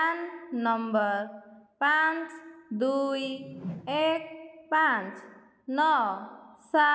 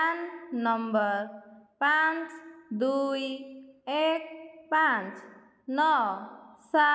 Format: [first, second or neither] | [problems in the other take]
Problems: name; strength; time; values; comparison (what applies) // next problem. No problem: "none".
second | background sound (Whoosh, swoosh, swish); 14 dB below the speech